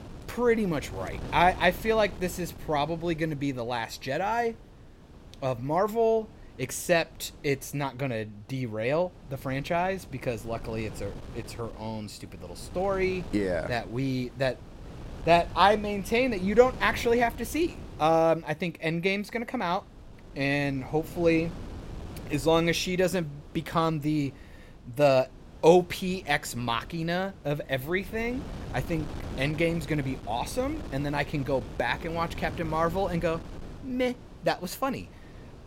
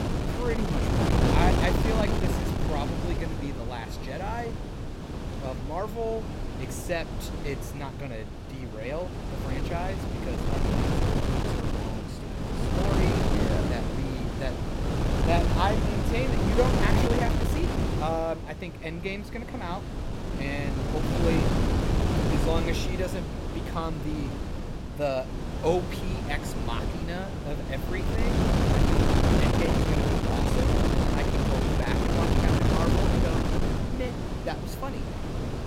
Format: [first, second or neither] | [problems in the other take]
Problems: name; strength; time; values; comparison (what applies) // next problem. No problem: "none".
first | wind noise on the microphone; heavy; 1 dB above the speech; occasional gusts in the first